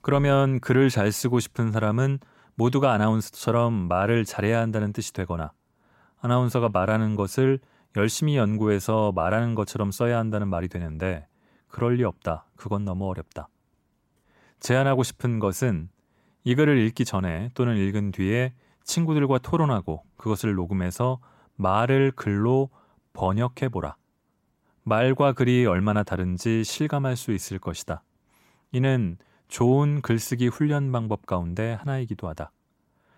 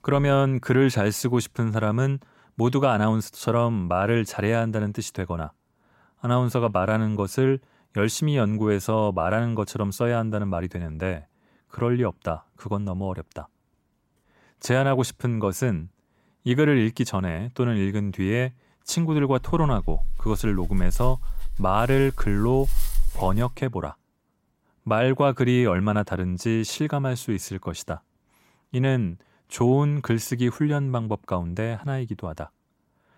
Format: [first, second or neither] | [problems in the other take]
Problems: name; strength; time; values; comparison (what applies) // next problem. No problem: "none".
first | dog barking; noticeable; from 19 to 23 s; peak 5 dB below the speech